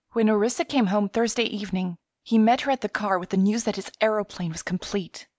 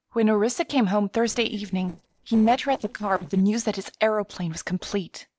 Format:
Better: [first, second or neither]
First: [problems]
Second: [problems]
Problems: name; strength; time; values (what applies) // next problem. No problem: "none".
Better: first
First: none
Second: noise reduction (neural separator model SepFormer DNS4)